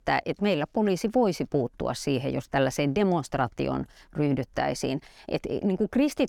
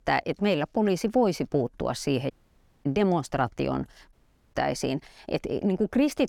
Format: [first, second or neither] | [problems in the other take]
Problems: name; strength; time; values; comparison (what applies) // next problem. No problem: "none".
first | audio cutting out; at 2.5 s for 0.5 s and at 4 s